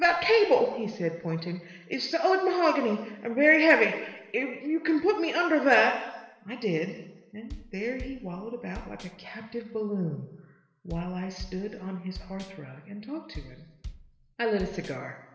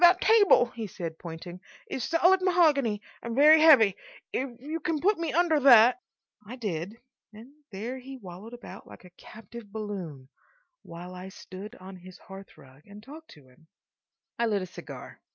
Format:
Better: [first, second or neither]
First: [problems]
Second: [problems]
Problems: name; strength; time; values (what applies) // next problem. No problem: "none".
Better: second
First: background sound (Bass drum); 16 dB below the speech // room echo; dies away in 1.1 s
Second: none